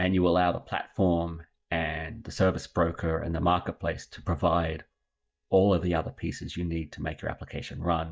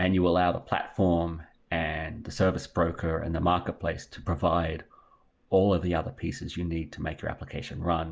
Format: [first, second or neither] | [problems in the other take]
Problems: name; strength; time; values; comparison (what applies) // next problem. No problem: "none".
second | noise reduction (neural mask model DeepFilterNet 3)